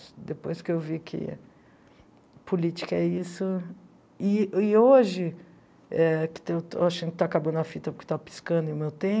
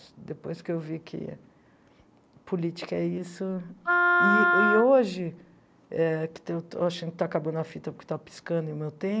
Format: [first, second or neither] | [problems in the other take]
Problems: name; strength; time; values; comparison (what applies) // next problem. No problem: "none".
first | background sound (Wind instrument, woodwind instrument); 5 dB above the speech